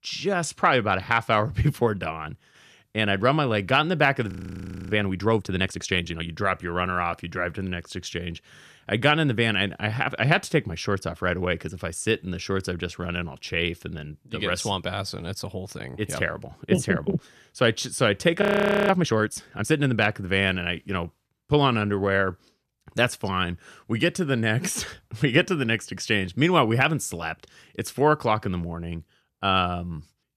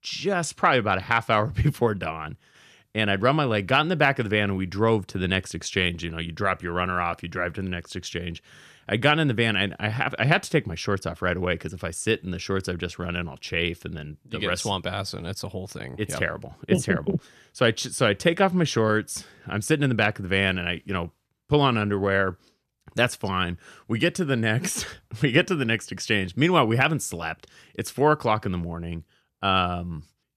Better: second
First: audio freezing; at 4.5 s for 0.5 s and at 18 s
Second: none

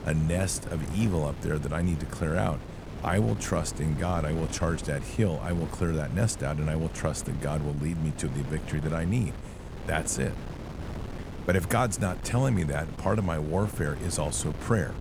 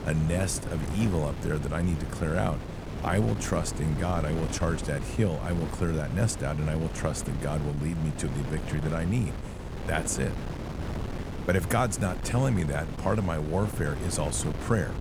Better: first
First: wind noise on the microphone; occasional gusts; 10 dB below the speech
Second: wind noise on the microphone; heavy; 8 dB below the speech

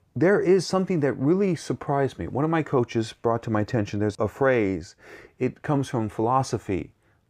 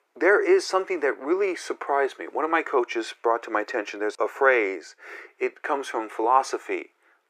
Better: first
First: none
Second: thin; very; fading below 350 Hz

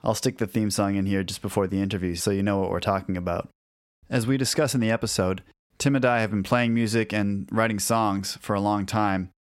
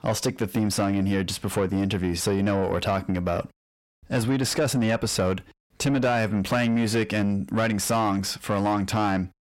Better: first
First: none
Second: distortion; slight; 10 dB below the speech

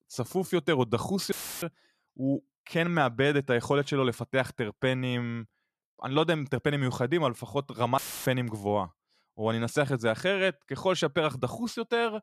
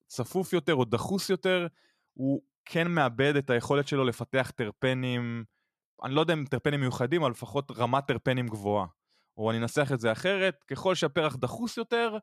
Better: second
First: audio cutting out; filled with static; at 1.5 s and at 8 s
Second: none

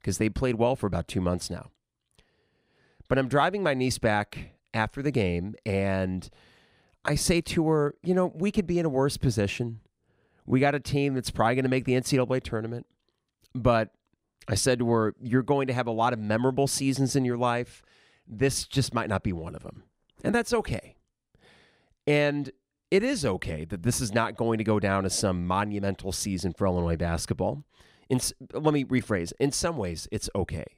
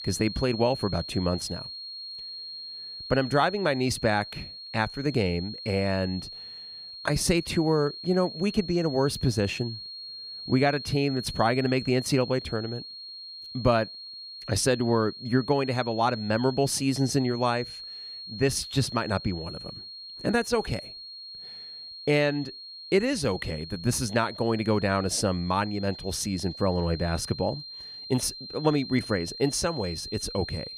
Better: first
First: none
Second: high-pitched whine; noticeable; throughout; 4.5 kHz, 10 dB below the speech

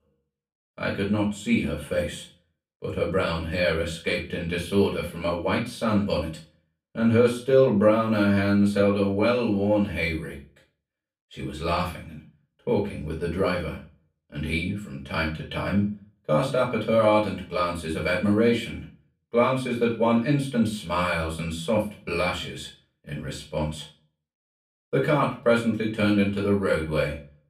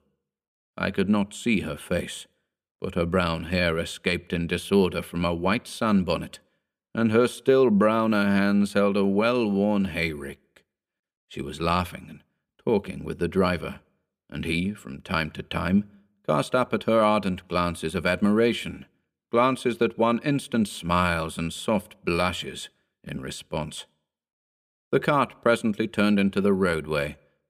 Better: second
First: off-mic speech; far // room echo; slight; dies away in 0.3 s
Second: none

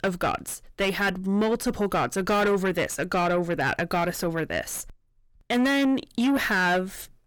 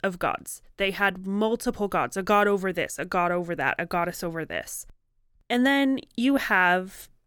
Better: second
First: distortion; heavy; 7 dB below the speech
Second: none

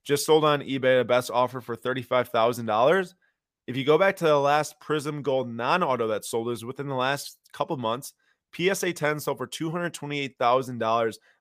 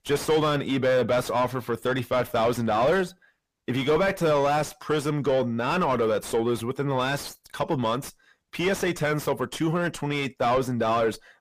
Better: first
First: none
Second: distortion; heavy; 6 dB below the speech

